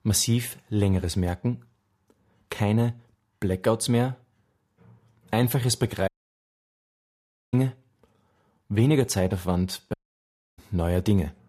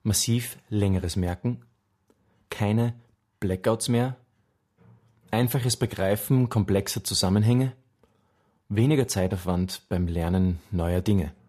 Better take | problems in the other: second | audio cutting out; at 6 s for 1.5 s and at 10 s for 0.5 s

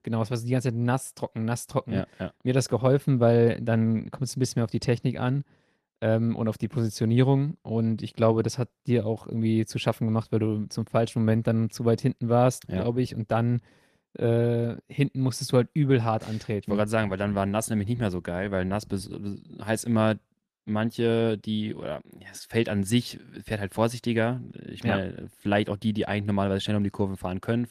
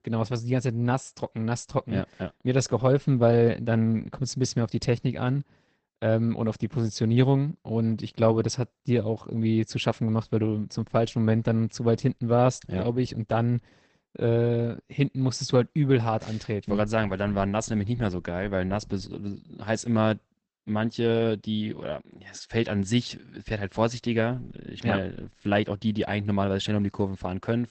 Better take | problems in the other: first | garbled, watery; badly; nothing above 8 kHz; slightly in the first

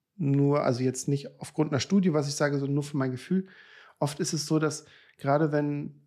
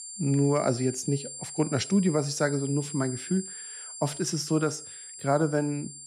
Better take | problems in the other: first | high-pitched whine; noticeable; throughout; 7.5 kHz, 10 dB below the speech

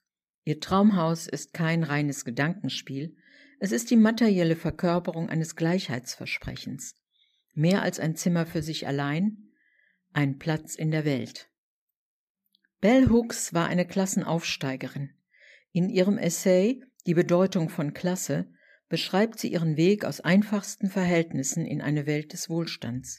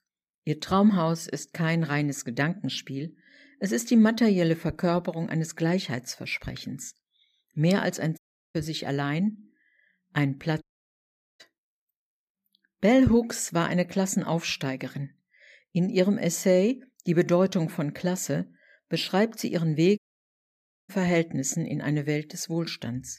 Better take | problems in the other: first | audio cutting out; at 8 s, at 11 s for 1 s and at 20 s for 1 s

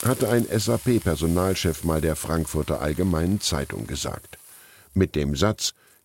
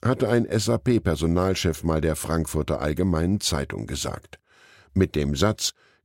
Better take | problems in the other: second | hiss; noticeable; throughout; 15 dB below the speech

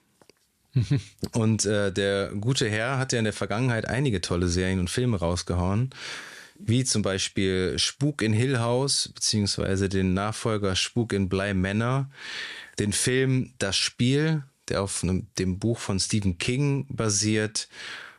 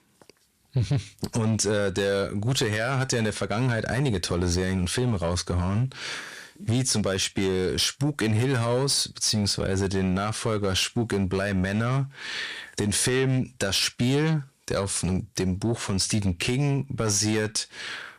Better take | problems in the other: first | distortion; slight; 10 dB below the speech

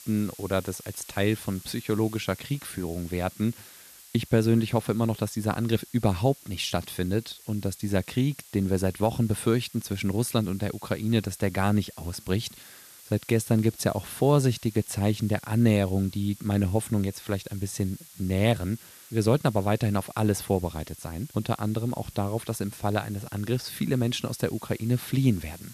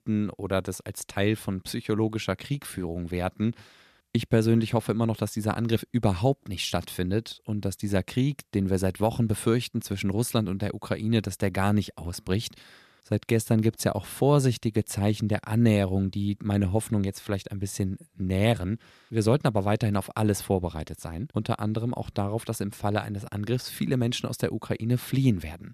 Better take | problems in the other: second | hiss; noticeable; throughout; 20 dB below the speech

